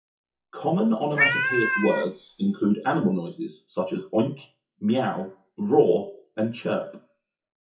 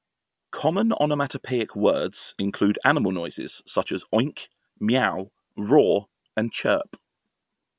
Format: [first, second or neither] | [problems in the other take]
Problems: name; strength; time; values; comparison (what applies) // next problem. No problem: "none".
second | noise reduction (classical method WPE with log-MMSE)